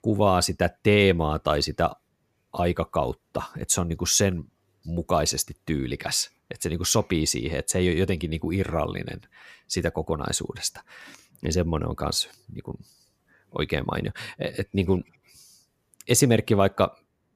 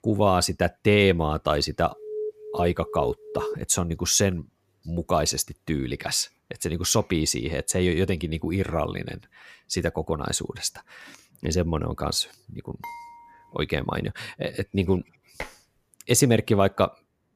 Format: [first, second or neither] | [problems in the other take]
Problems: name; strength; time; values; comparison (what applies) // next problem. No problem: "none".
first | alarm; noticeable; from 2 to 3.5 s; peak 8 dB below the speech // clattering dishes; faint; at 13 s and at 15 s; peak 15 dB below the speech